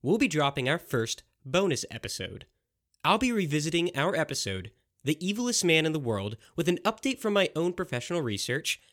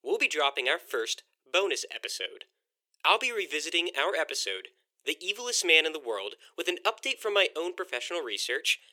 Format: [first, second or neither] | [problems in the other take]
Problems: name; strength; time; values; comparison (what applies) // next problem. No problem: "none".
first | thin; very; fading below 400 Hz